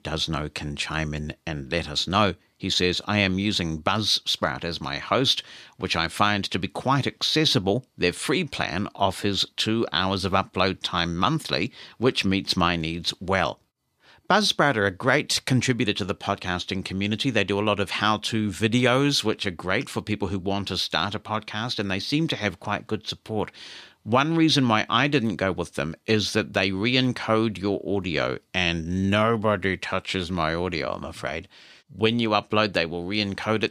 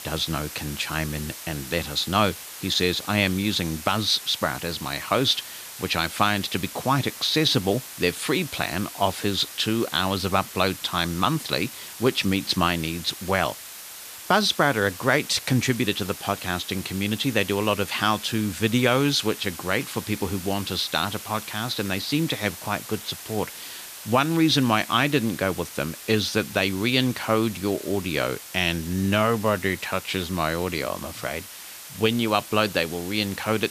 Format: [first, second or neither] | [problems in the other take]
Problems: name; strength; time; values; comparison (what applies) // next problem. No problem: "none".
first | hiss; noticeable; throughout; 10 dB below the speech